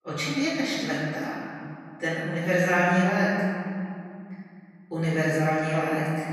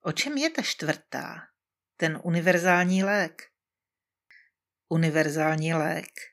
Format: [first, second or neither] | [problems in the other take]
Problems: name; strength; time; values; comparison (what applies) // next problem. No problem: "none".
second | off-mic speech; far // room echo; strong; dies away in 2.6 s